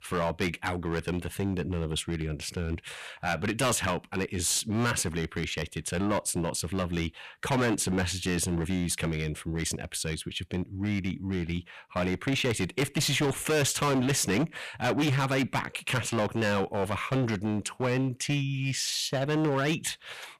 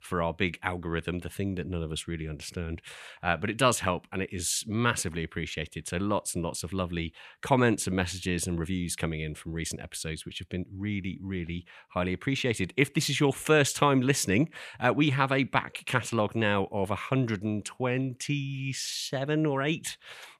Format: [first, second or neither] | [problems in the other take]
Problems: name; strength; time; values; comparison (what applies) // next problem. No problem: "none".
second | distortion; heavy; 12% of the sound clipped